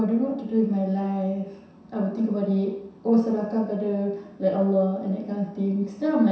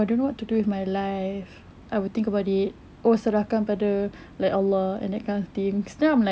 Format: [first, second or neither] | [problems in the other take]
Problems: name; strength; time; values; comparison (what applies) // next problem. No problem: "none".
second | room echo; dies away in 0.7 s